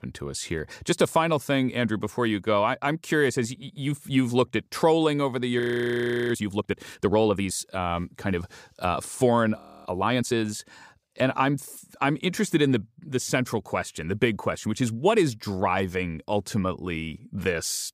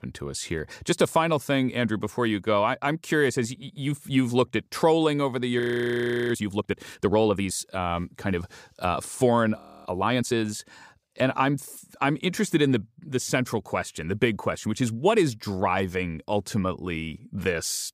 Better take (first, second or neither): neither